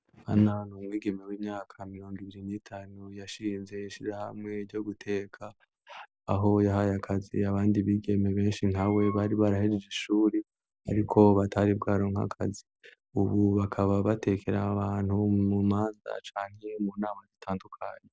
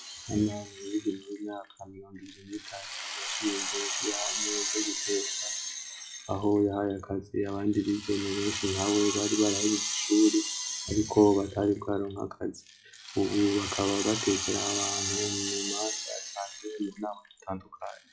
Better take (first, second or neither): first